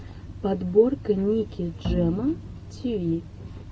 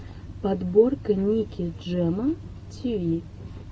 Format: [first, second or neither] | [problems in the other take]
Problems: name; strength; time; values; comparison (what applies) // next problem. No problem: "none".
second | background sound (Bowed string instrument); 8 dB below the speech